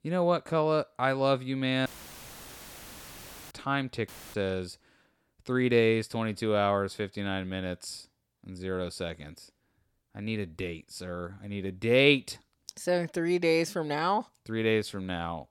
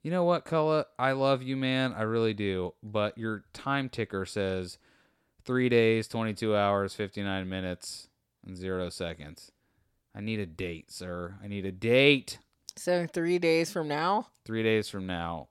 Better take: second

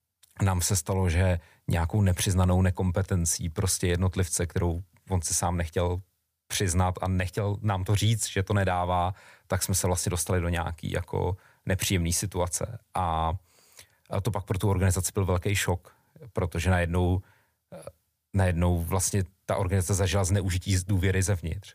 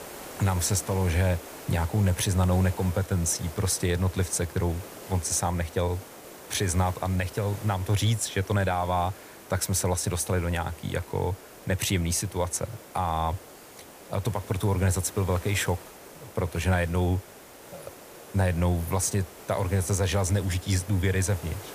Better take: first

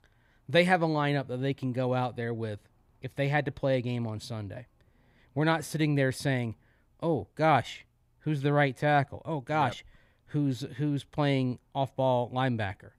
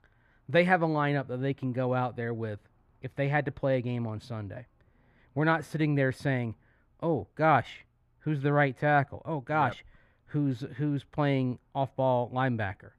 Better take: first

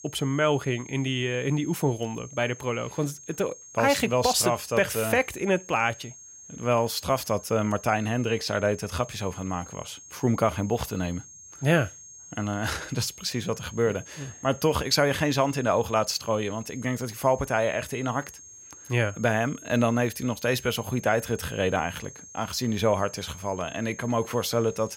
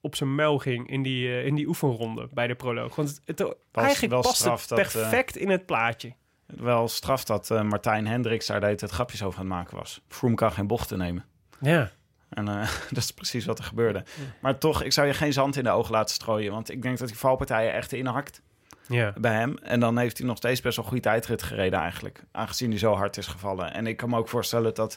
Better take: second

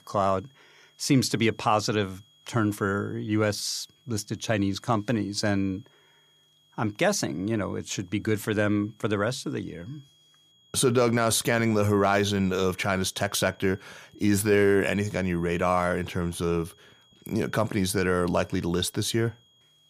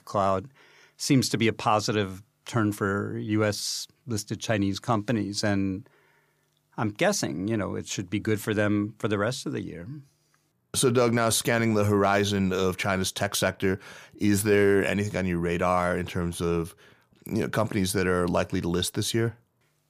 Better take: second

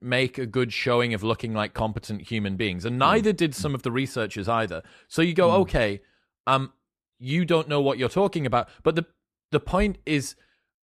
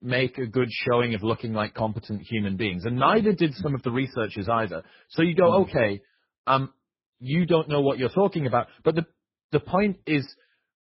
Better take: first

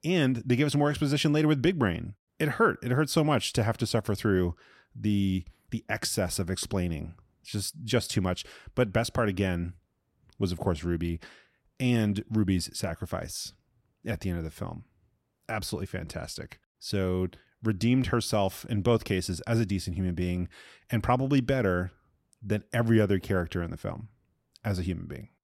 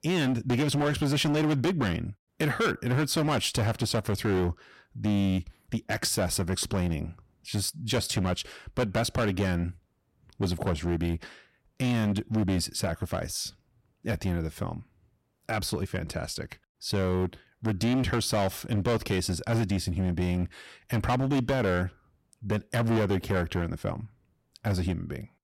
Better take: first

